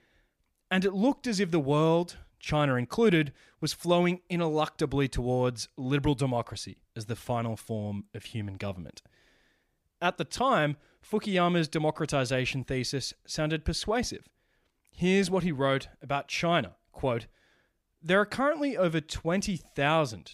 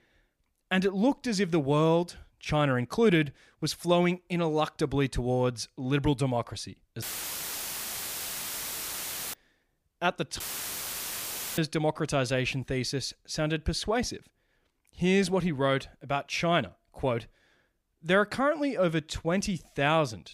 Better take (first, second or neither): first